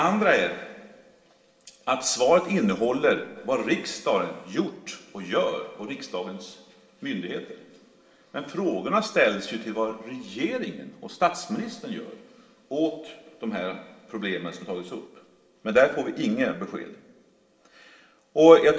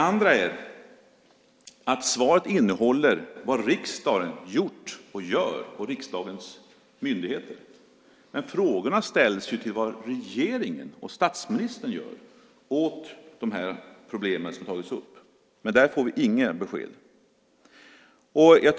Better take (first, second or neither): second